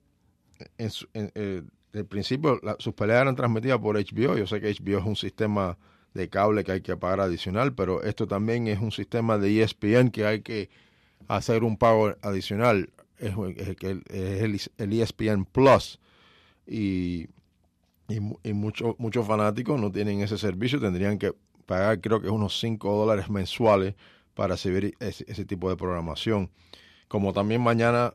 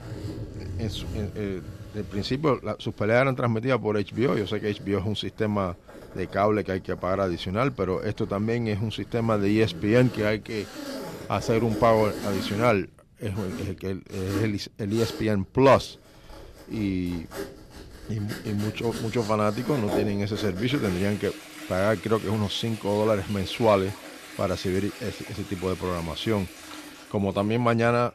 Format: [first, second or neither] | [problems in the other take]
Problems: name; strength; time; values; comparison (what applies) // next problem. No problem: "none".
first | household noises; noticeable; throughout; 10 dB below the speech